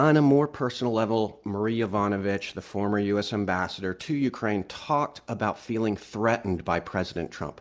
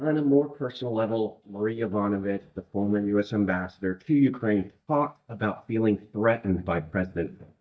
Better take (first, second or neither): first